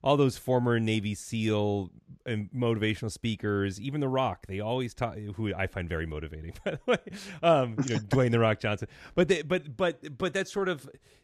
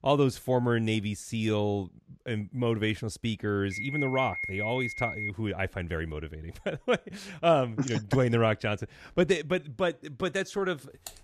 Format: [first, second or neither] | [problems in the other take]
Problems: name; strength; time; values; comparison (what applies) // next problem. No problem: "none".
first | alarm; noticeable; from 3.5 to 5.5 s; peak 3 dB below the speech // keyboard typing; faint; at 11 s; peak 15 dB below the speech